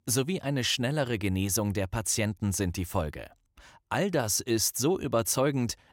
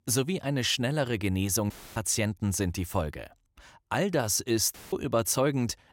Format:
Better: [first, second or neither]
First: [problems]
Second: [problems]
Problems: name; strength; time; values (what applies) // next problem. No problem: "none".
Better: first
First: none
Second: audio cutting out; filled with static; at 1.5 s and at 4.5 s